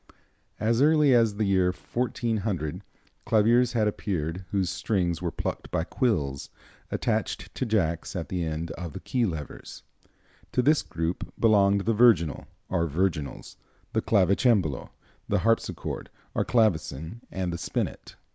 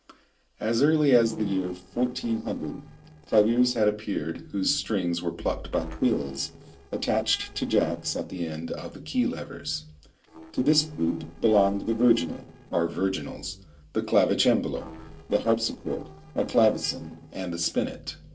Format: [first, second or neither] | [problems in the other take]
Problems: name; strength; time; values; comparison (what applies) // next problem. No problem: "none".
first | noise reduction (neural separator model SepFormer DNS4)